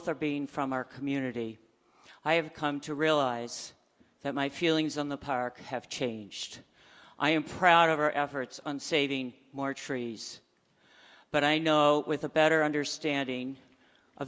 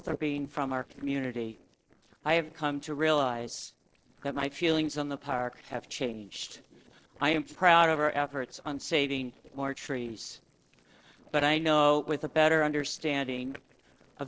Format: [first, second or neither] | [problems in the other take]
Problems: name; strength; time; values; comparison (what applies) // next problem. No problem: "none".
first | noise reduction (neural separator model SepFormer DNS4)